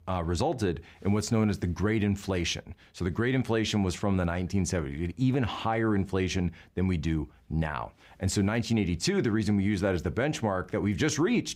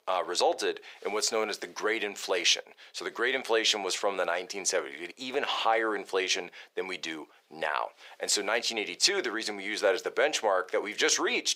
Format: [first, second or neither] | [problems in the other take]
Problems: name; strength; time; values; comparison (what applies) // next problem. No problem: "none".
first | thin; very; fading below 450 Hz